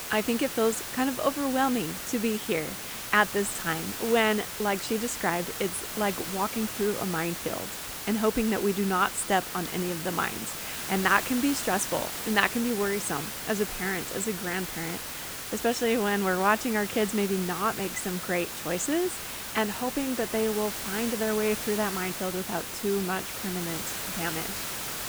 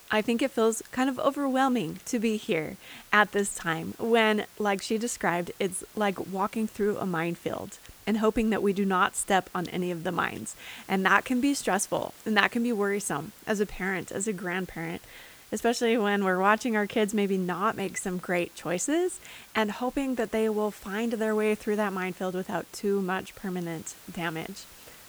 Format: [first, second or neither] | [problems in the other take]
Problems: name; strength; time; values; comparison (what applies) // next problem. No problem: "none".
second | hiss; loud; throughout; 5 dB below the speech; faint in the second